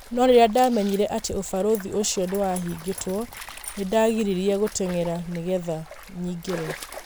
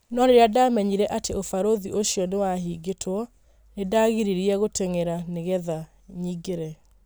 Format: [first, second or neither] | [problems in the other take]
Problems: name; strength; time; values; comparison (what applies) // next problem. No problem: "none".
second | background sound (Stream); 16 dB below the speech